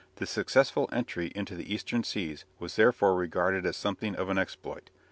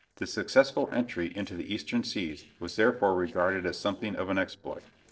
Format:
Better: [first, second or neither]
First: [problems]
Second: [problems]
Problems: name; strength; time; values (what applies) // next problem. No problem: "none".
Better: first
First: none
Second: noise reduction (neural separator model SepFormer DNS4)